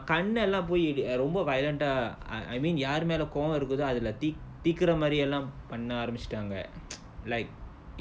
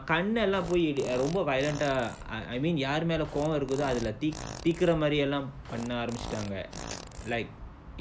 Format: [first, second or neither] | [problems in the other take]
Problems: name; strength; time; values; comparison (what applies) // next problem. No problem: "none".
first | background sound (Fart); 15 dB below the speech